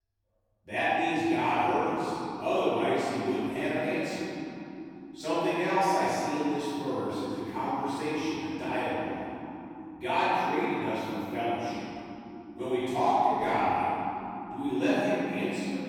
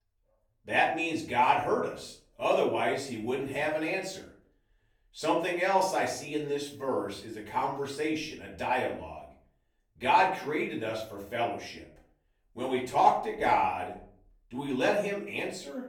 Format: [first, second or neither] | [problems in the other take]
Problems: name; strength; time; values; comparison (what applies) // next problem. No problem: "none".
second | room echo; strong; dies away in 3 s; slight in the second // off-mic speech; far; far in the second